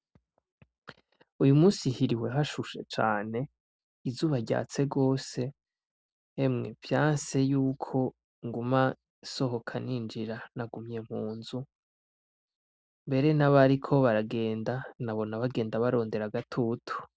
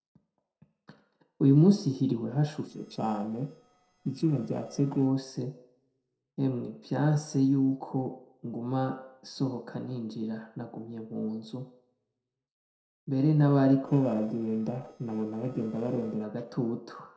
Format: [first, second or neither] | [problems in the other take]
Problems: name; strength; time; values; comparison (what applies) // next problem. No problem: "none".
first | noise reduction (neural separator model SepFormer DNS4)